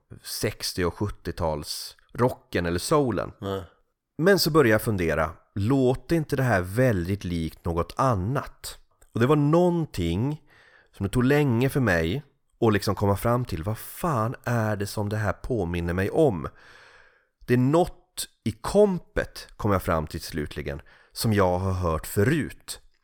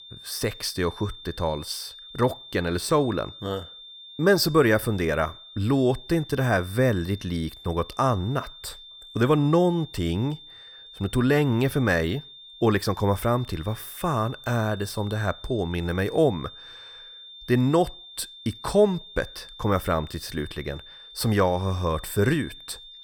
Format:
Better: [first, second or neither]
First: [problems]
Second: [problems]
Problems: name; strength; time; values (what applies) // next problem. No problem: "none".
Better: first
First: none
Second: high-pitched whine; noticeable; throughout; 3.5 kHz, 15 dB below the speech